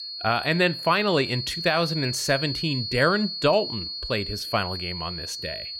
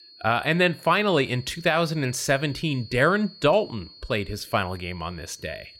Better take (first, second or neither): second